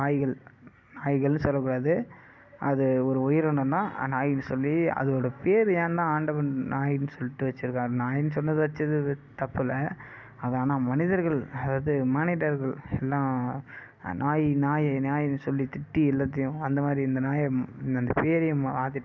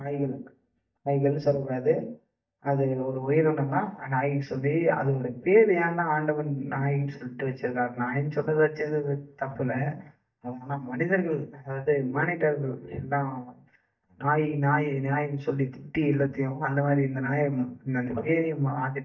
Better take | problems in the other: first | noise reduction (neural mask model DeepFilterNet 3)

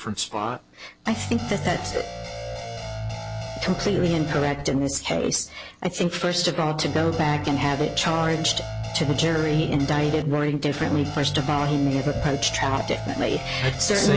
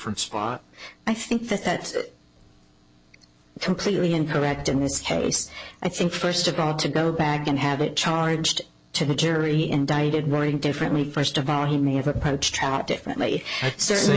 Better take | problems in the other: second | background sound (Guitar); 7 dB below the speech

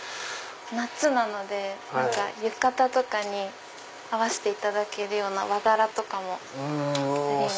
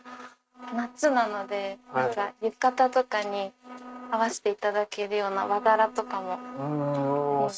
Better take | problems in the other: first | noise reduction (neural mask model RNNoise)

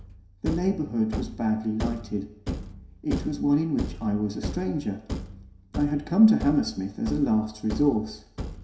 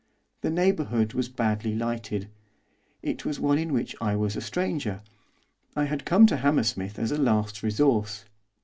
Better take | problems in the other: second | background sound (Thump, thud); 9 dB below the speech // room echo; dies away in 0.7 s

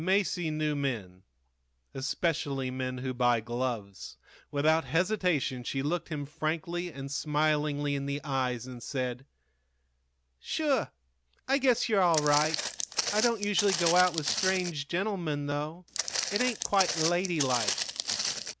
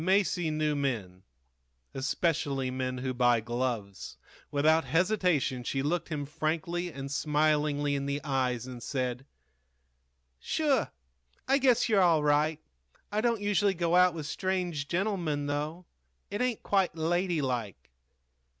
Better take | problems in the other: second | background sound (Walk, footsteps); 2 dB below the speech

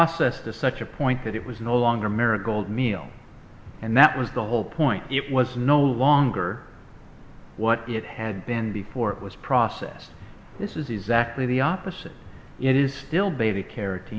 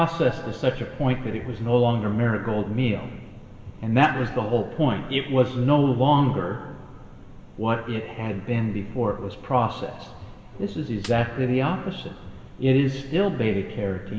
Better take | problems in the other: first | background sound (Snare drum); 19 dB below the speech // room echo; dies away in 1.7 s

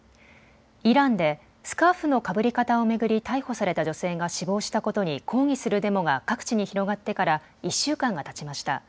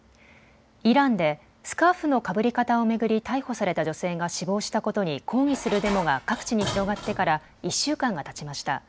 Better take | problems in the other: first | background sound (Dishes, pots, and pans); 12 dB below the speech

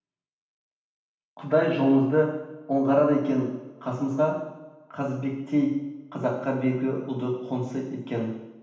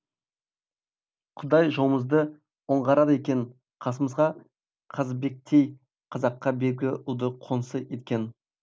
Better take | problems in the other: second | room echo; dies away in 0.9 s

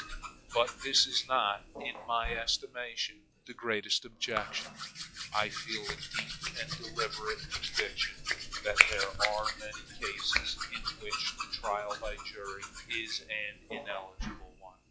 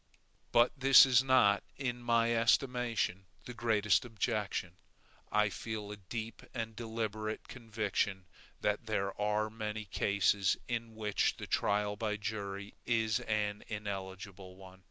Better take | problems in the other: second | noise reduction (classical method log-MMSE)

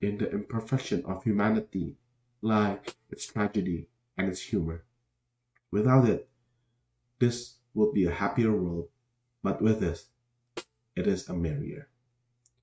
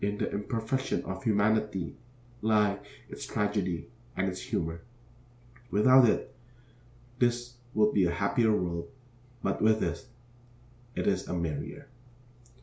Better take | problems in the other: second | noise reduction (neural mask model RNNoise)

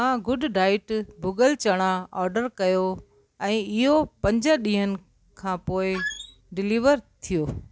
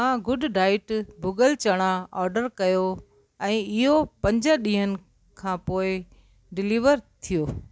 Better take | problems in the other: second | background sound (Squeak); 9 dB below the speech

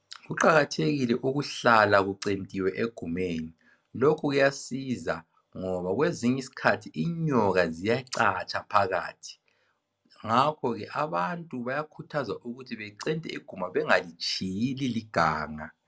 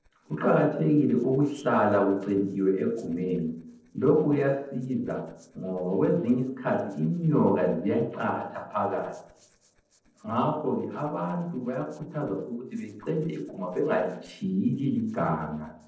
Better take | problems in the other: first | noise reduction (neural separator model SepFormer DNS4)

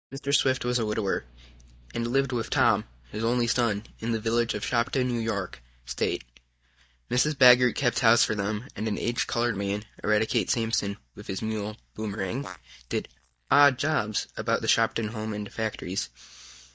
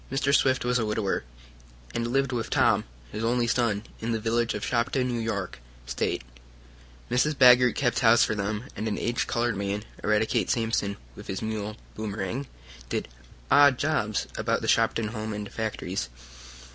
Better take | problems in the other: second | noise reduction (neural mask model DeepFilterNet 3)

